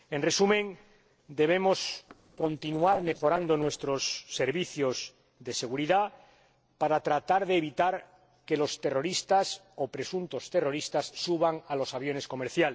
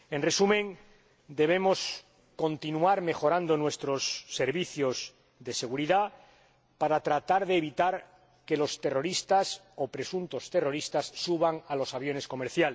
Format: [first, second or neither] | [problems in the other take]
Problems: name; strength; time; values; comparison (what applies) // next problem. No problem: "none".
second | noise reduction (neural separator model SepFormer DNS4)